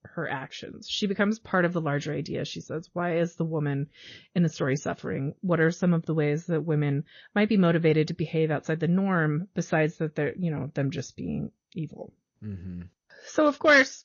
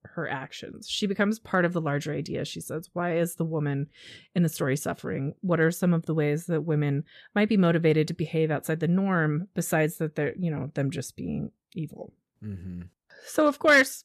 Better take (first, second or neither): second